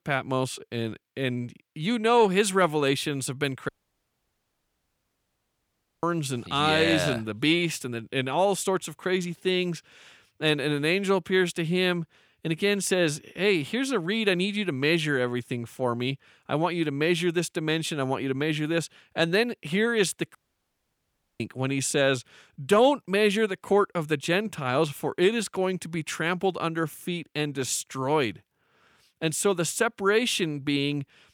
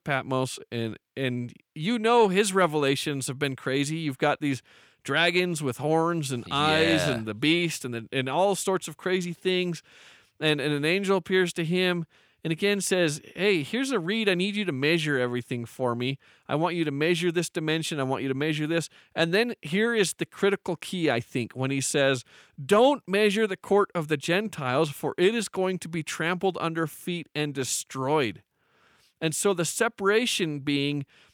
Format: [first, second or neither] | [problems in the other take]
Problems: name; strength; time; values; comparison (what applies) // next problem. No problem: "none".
second | audio cutting out; at 3.5 s for 2.5 s and at 20 s for 1 s